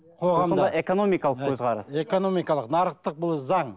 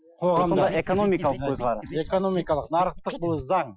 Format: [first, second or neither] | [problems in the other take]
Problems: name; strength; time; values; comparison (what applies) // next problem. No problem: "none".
first | noise reduction (classical method Wiener filter)